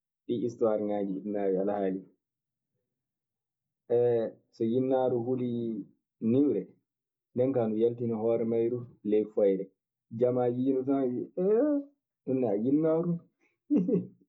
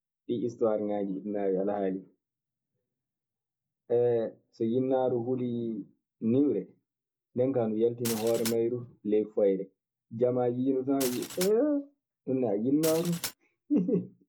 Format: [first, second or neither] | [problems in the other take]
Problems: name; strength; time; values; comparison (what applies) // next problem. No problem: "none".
first | background sound (Glass); 10 dB below the speech